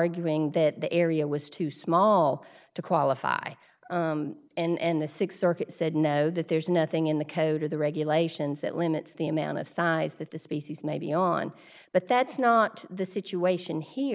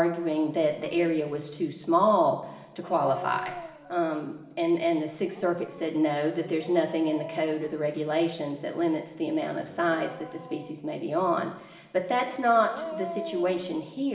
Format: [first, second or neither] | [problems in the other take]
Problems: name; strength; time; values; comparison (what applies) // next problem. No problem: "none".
first | background sound (Dog); 16 dB below the speech // room echo; dies away in 1.1 s